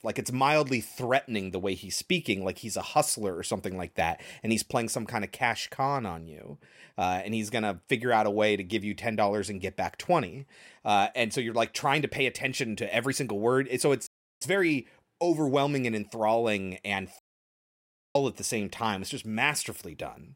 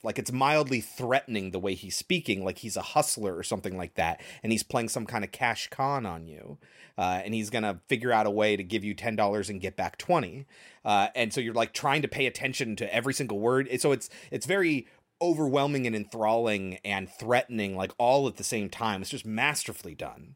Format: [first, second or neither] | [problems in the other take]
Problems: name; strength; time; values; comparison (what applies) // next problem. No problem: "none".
second | audio cutting out; at 14 s and at 17 s for 1 s